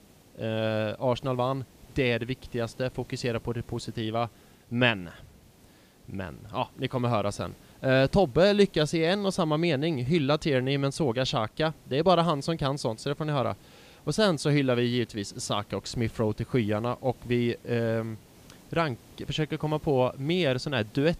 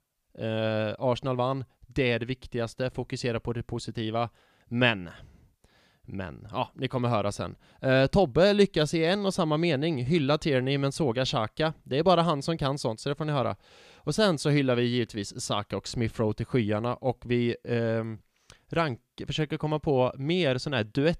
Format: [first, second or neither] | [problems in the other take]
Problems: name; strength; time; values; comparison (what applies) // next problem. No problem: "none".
second | hiss; faint; throughout; 25 dB below the speech